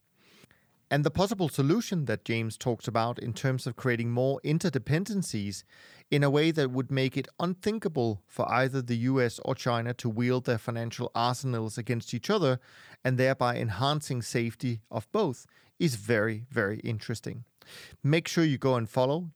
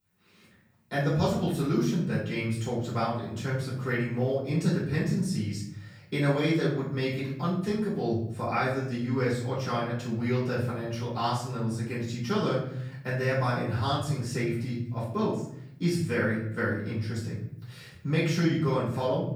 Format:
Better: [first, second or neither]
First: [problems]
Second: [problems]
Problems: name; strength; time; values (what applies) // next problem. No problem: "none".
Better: first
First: none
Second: off-mic speech; far // room echo; noticeable; dies away in 0.8 s